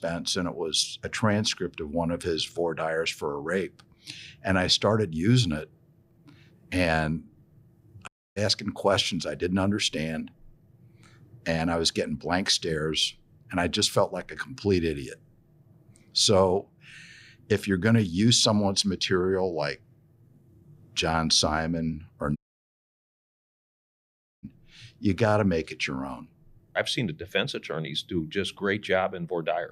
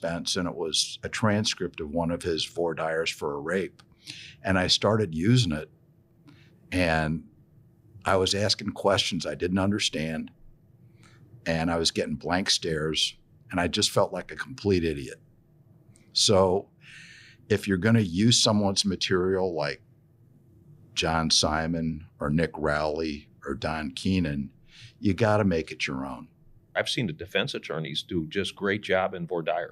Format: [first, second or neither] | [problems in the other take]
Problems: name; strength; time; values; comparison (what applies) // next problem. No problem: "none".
second | audio cutting out; at 8 s and at 22 s for 2 s